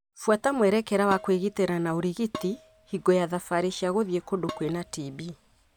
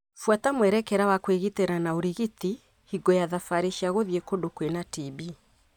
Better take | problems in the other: second | background sound (Dishes, pots, and pans); 16 dB below the speech

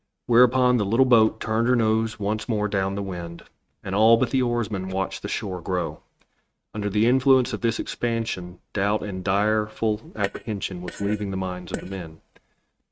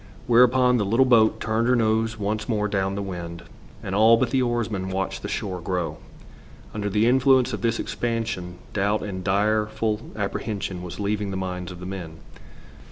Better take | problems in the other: second | noise reduction (neural mask model RNNoise)

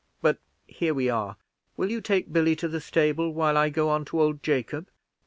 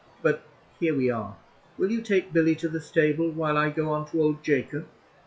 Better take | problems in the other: first | noise reduction (classical method WPE with log-MMSE)

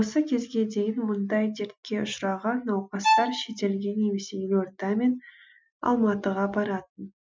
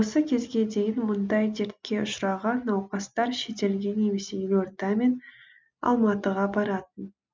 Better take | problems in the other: second | noise reduction (classical method Wiener filter)

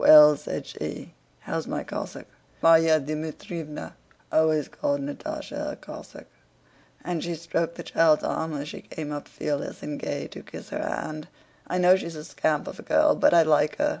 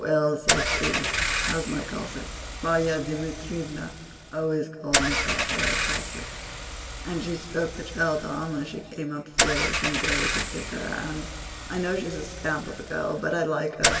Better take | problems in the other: first | background sound (Engine / Car); as loud as the speech // room echo; dies away in 1.8 s

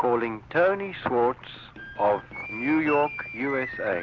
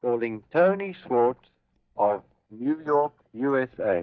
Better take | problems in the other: first | noise reduction (neural mask model DeepFilterNet 3)

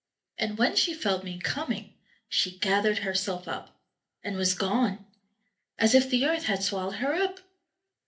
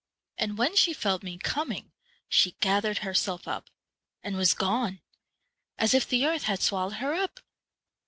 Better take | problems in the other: second | room echo; dies away in 0.3 s

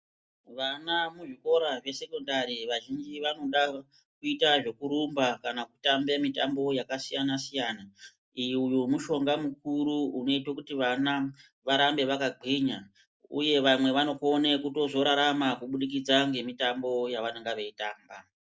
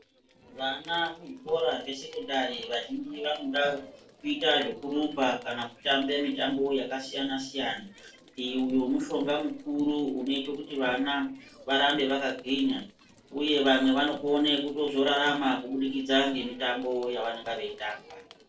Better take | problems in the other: first | noise reduction (neural separator model SepFormer DNS4)

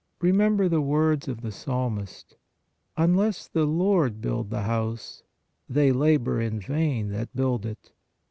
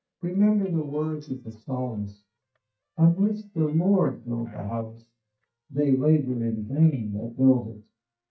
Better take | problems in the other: first | noise reduction (neural mask model DeepFilterNet 3)

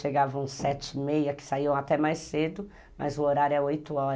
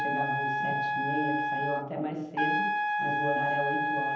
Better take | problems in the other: first | background sound (Trumpet); 5 dB above the speech // room echo; dies away in 0.9 s

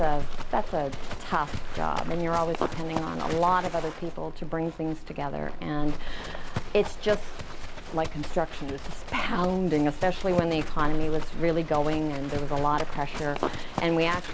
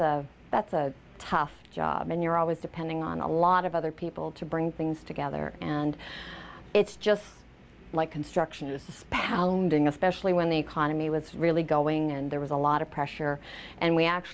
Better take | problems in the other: second | background sound (Livestock, farm animals, working animals); 1 dB below the speech

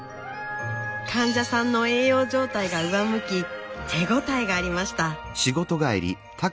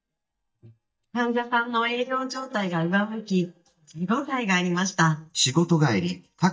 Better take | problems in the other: first | noise reduction (neural mask model DeepFilterNet 3)

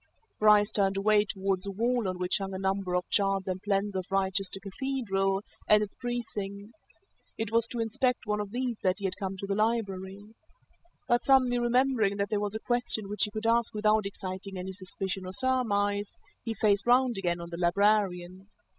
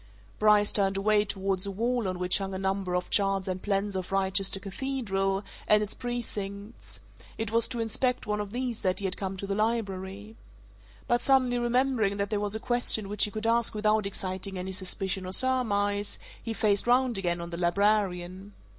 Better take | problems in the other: second | noise reduction (classical method spectral subtraction)

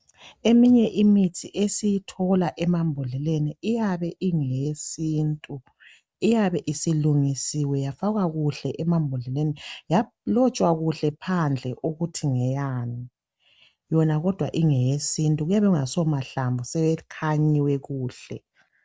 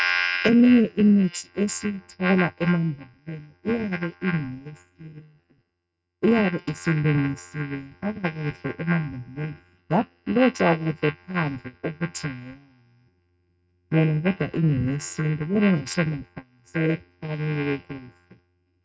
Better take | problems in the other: first | noise reduction (neural mask model RNNoise)

